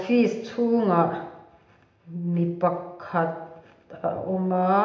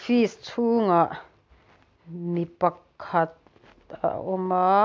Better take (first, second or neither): second